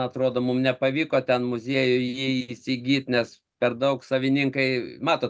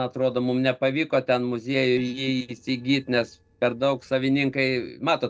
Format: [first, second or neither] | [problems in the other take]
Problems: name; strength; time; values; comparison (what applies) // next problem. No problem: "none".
first | noise reduction (neural separator model SepFormer DNS4)